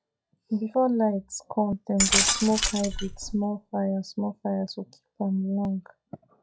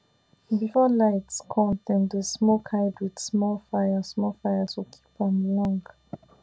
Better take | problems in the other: second | noise reduction (classical method log-MMSE)

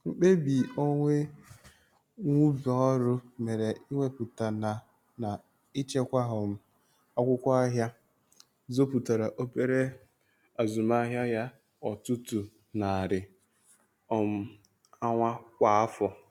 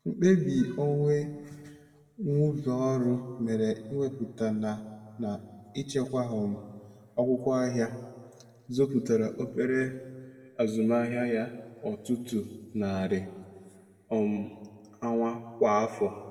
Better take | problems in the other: first | room echo; dies away in 1.5 s

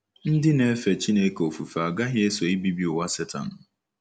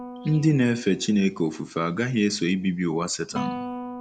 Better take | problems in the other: first | background sound (Guitar); 13 dB below the speech

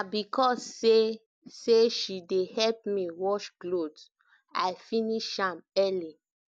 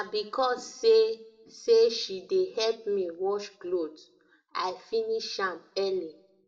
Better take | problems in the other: first | room echo; dies away in 0.4 s

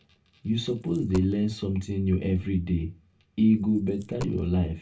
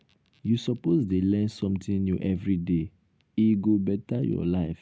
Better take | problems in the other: second | background sound (Coin (dropping)); 20 dB below the speech // room echo; dies away in 0.2 s

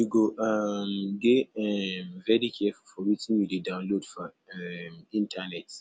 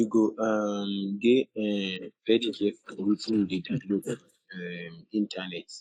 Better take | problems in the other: first | noise reduction (neural mask model Resemble Enhance denoiser)

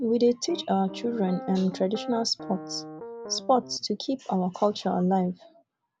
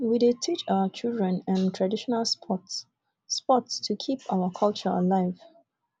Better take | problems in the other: second | background sound (Piano); 13 dB below the speech

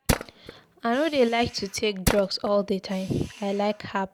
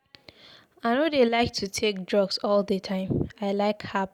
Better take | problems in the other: second | background sound (Tools); 7 dB below the speech

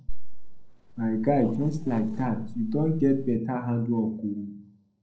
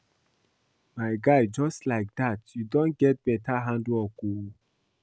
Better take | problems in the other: second | noise reduction (neural separator model SepFormer DNS4)

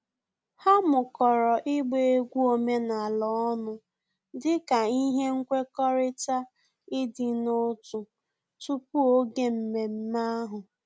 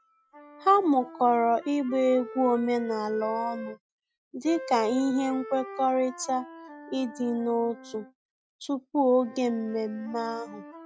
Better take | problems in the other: first | noise reduction (classical method Wiener filter)

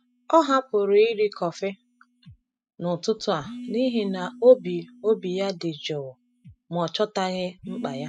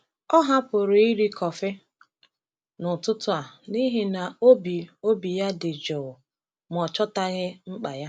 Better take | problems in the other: second | noise reduction (classical method spectral subtraction)

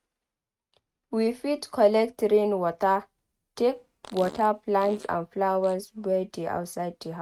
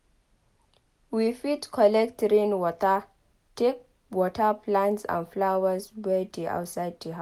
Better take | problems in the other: second | noise reduction (neural mask model RNNoise)

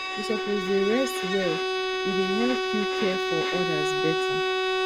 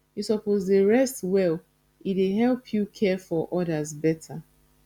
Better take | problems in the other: second | background sound (Bowed string instrument); 2 dB above the speech

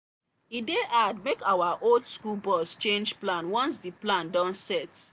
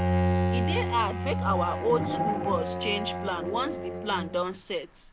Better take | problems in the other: first | background sound (Bowed string instrument); 2 dB above the speech

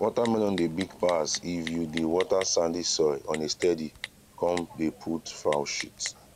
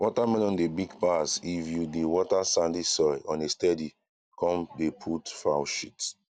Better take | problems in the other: second | background sound (Typing); 16 dB below the speech

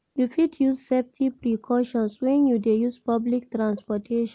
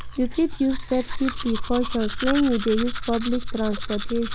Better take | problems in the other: first | background sound (Domestic sounds, home sounds); 3 dB below the speech

